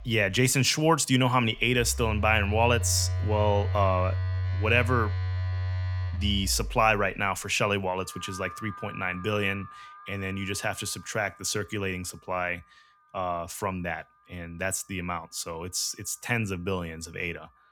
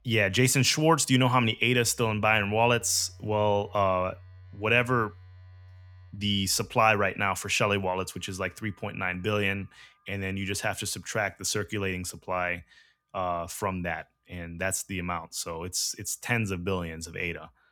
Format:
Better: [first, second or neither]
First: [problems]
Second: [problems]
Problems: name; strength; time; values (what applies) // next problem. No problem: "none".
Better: second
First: alarms or sirens; loud; throughout; 5 dB below the speech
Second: alarms or sirens; faint; throughout; 25 dB below the speech